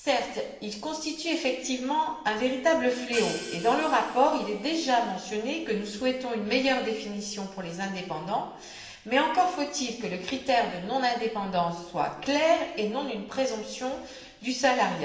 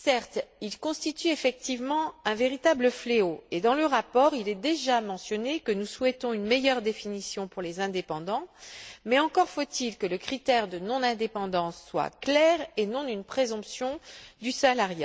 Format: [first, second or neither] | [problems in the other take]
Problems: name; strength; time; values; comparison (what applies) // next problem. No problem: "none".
second | background sound (Hi-hat); 15 dB below the speech // room echo; dies away in 1.1 s